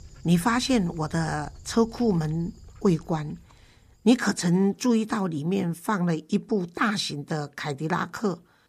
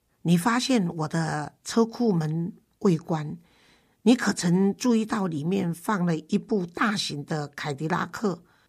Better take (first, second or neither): second